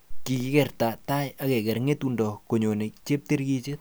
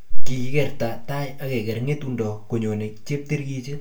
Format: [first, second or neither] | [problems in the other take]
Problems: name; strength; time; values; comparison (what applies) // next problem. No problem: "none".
first | room echo; dies away in 0.3 s